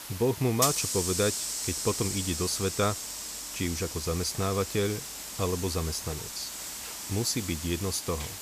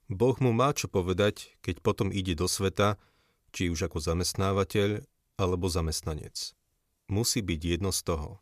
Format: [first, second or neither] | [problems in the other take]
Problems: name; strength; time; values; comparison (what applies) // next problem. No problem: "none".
second | hiss; loud; throughout; 2 dB below the speech